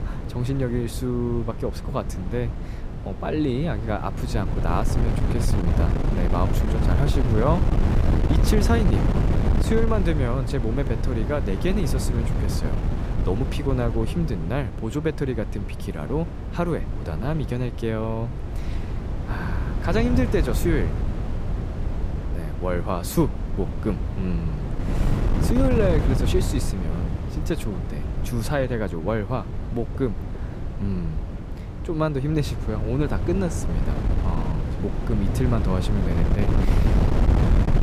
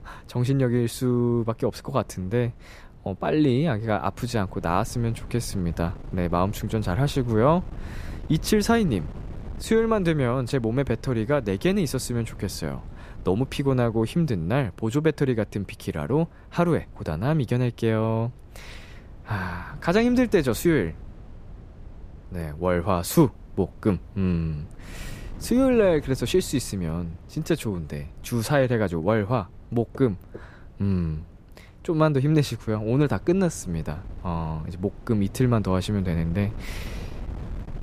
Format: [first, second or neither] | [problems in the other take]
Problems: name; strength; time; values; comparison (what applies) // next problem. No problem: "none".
second | wind noise on the microphone; heavy; 5 dB below the speech; occasional gusts in the second